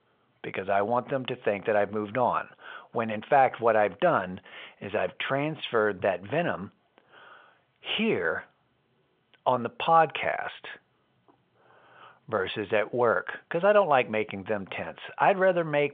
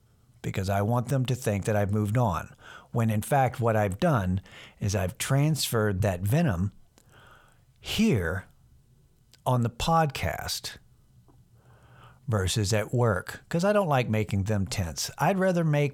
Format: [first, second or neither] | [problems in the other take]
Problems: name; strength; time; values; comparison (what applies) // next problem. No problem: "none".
second | phone-call audio